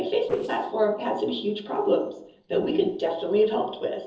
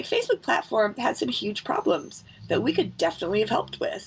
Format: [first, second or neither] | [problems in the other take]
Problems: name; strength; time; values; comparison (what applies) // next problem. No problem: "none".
second | noise reduction (neural separator model SepFormer DNS4)